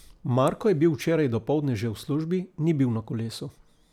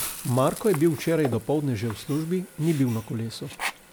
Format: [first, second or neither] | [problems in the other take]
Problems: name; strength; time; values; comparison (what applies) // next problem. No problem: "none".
first | background sound (Sink (filling or washing) + Hiss); 12 dB below the speech